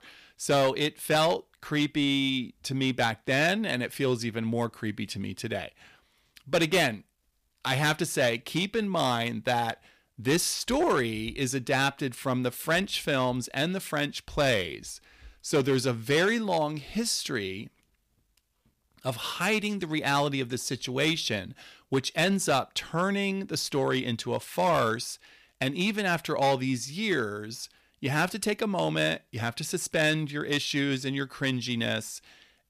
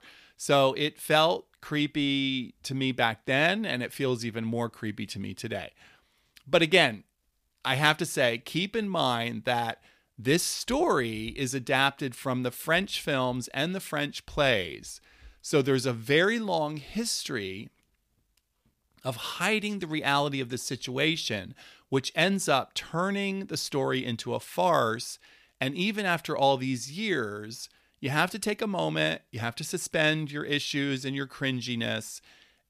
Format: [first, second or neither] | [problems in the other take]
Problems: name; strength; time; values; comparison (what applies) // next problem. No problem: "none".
second | distortion; slight; 3% of the sound clipped